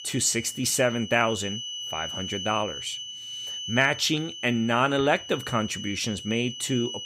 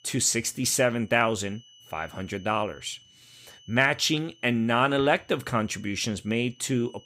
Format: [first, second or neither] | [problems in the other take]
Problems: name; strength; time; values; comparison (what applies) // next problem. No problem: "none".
second | high-pitched whine; loud; throughout; 3 kHz, 9 dB below the speech; faint in the second